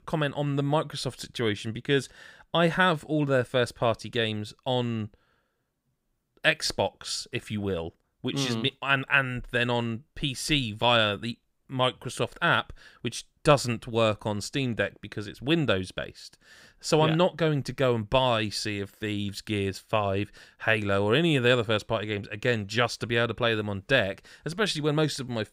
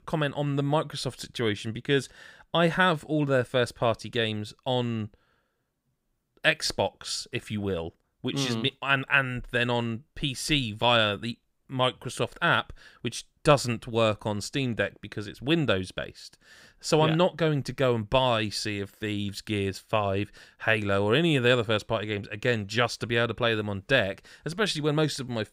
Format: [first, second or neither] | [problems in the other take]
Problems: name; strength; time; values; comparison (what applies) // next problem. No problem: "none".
neither | none